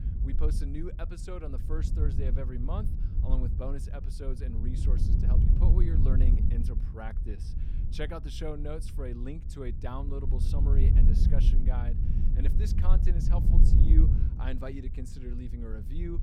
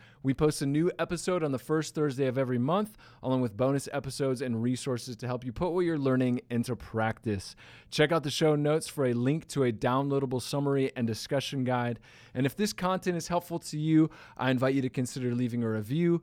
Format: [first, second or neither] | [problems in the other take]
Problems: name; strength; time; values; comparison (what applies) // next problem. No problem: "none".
second | wind noise on the microphone; heavy; 2 dB below the speech